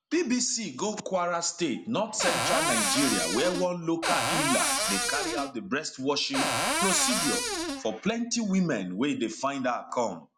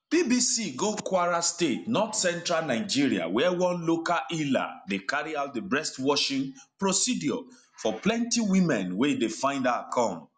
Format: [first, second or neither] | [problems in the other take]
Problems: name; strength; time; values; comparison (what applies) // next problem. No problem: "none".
second | background sound (Cupboard open or close); 1 dB above the speech